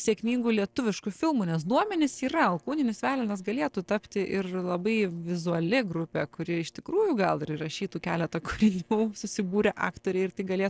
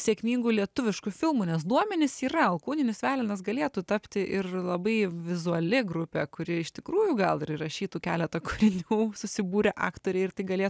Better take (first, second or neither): second